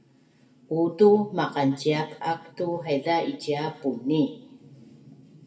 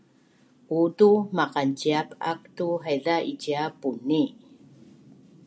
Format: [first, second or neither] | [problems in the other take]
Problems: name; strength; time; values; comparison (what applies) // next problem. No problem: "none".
second | room echo; dies away in 0.7 s